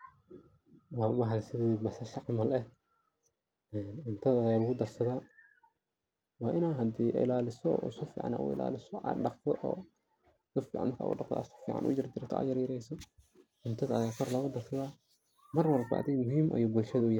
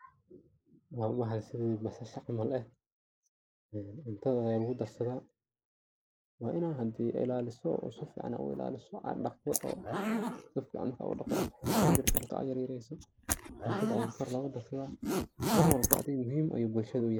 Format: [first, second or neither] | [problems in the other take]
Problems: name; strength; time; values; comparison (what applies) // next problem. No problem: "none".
first | noise reduction (neural mask model Resemble Enhance denoiser)